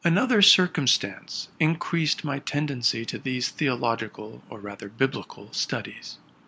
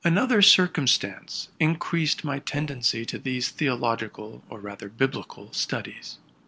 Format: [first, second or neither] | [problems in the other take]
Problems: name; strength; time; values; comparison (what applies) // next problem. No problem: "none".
first | noise reduction (neural separator model SepFormer DNS4)